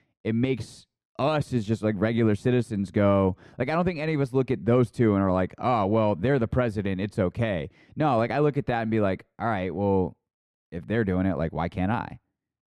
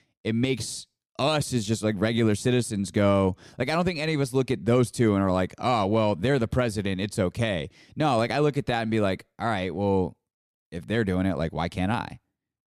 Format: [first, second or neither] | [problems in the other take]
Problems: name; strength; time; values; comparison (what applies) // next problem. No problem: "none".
second | muffled; slightly; fading above 3.5 kHz